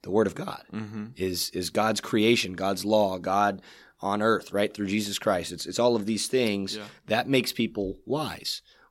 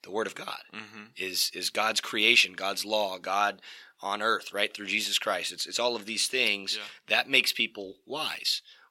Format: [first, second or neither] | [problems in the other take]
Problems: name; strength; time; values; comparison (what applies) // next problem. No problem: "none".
first | thin; somewhat; fading below 1 kHz